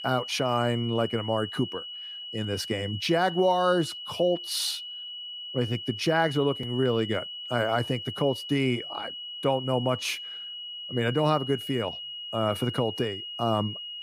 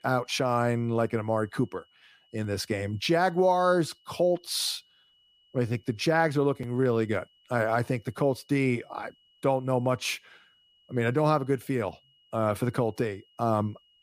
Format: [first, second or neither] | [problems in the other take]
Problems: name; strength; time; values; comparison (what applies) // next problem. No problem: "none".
second | high-pitched whine; loud; throughout; 3 kHz, 8 dB below the speech; faint in the second